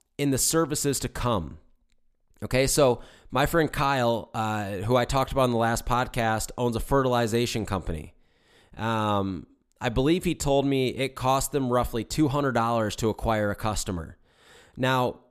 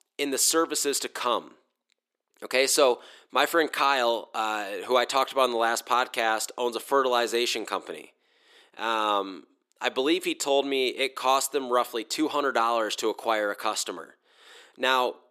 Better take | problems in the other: first | thin; somewhat; fading below 350 Hz

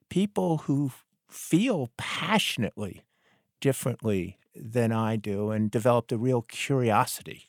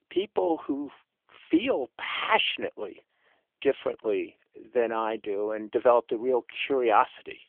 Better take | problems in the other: first | phone-call audio; nothing above 3.5 kHz

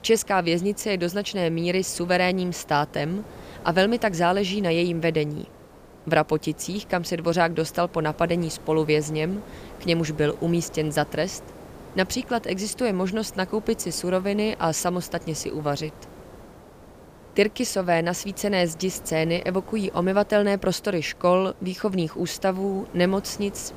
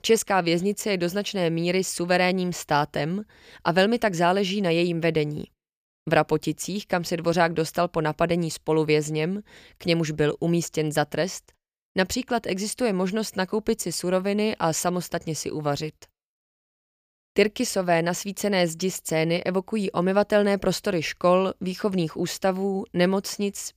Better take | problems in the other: second | hiss; noticeable; throughout; 20 dB below the speech

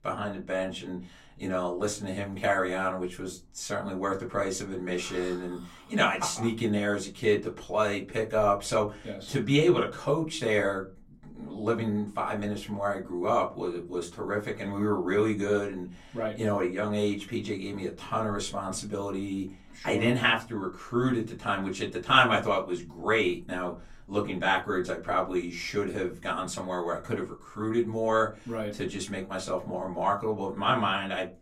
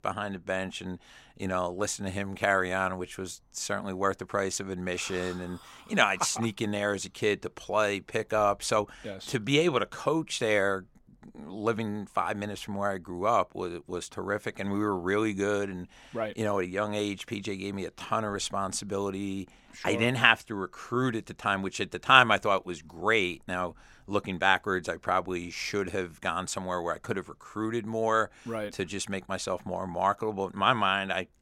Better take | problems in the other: second | off-mic speech; far // room echo; very slight; dies away in 0.2 s

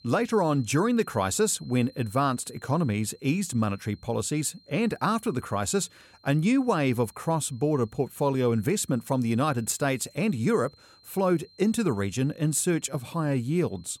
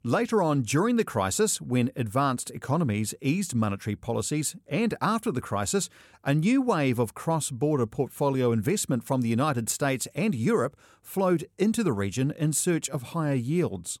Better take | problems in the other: second | high-pitched whine; faint; throughout; 4 kHz, 30 dB below the speech

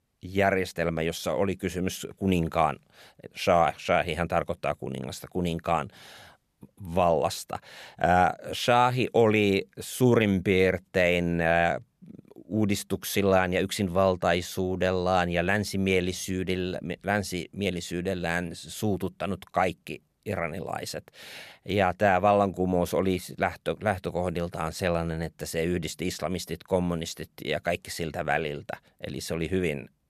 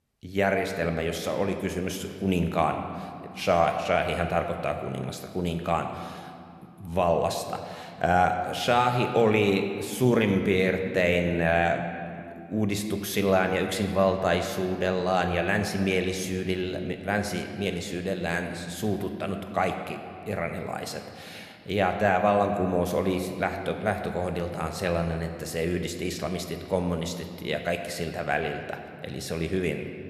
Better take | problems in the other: first | room echo; slight; dies away in 1.8 s

